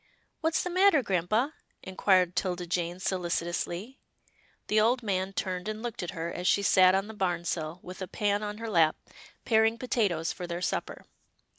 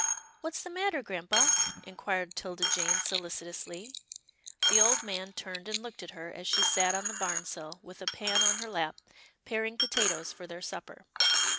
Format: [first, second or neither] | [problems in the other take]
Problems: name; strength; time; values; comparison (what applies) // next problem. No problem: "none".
first | background sound (Coin (dropping)); 4 dB above the speech